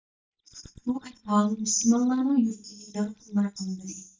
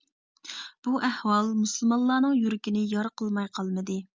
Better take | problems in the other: second | noise reduction (neural mask model DeepFilterNet 3)

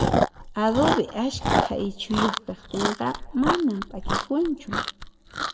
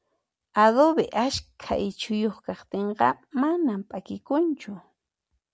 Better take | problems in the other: second | background sound (Chewing, mastication); as loud as the speech // room echo; dies away in 0.6 s

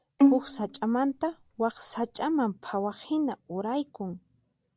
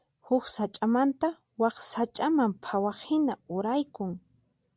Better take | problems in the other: second | background sound (Bowed string instrument); 2 dB above the speech

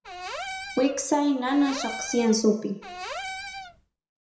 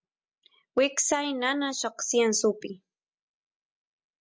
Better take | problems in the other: second | background sound (Cupboard open or close / Door); 11 dB below the speech // room echo; dies away in 0.5 s

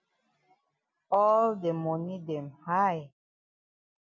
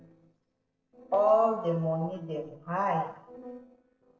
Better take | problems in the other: first | noise reduction (neural separator model SepFormer DNS4)

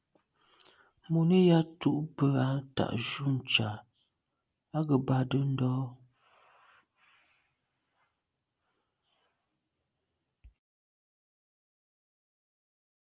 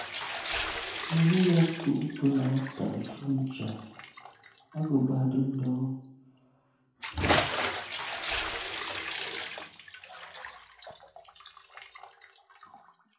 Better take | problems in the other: first | background sound (Bathtub (filling or washing) / Splash, splatter); 5 dB below the speech // room echo; dies away in 0.9 s

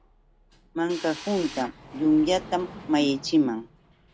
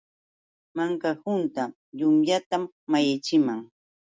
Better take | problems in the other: second | background sound (Sliding door + Drill); 17 dB below the speech

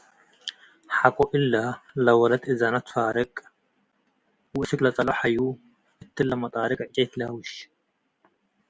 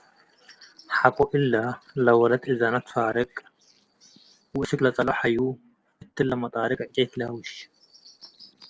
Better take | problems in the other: first | noise reduction (neural separator model SepFormer DNS4)

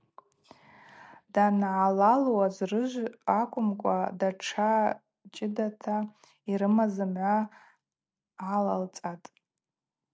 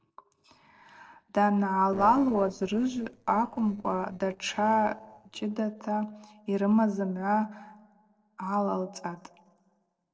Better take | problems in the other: first | noise reduction (neural separator model SepFormer DNS4)

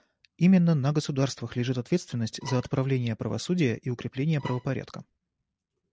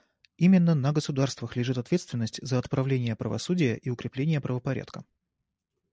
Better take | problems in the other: second | background sound (Bowed string instrument); 16 dB below the speech

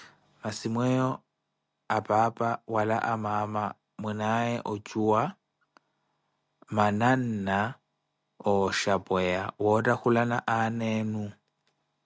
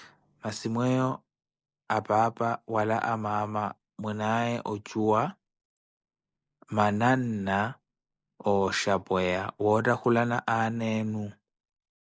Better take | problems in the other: first | noise reduction (neural mask model Resemble Enhance denoiser)

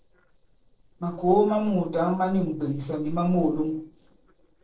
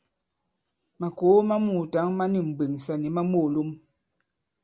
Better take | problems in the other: second | noise reduction (neural separator model SepFormer DNS4)

